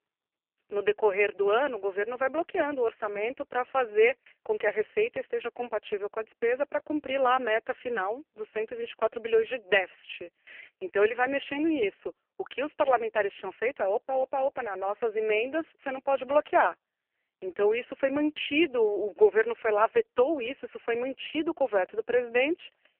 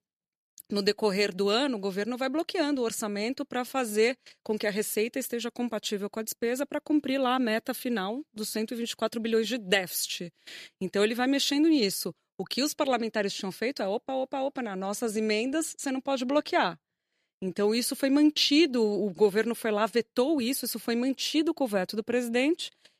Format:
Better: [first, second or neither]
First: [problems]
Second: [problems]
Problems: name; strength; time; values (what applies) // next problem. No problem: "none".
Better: second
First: phone-call audio; poor line; nothing above 3 kHz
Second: none